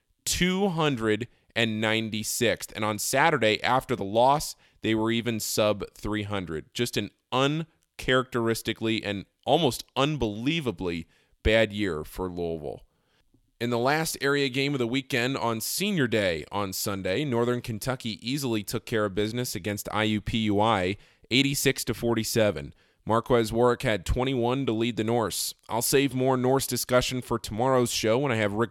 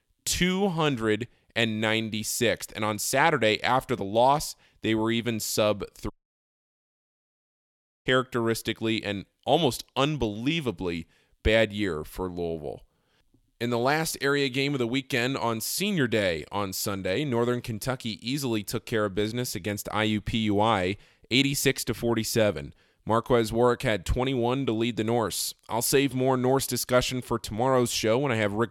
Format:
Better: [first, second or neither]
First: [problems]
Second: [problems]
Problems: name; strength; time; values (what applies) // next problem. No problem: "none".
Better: first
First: none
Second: audio cutting out; at 6 s for 2 s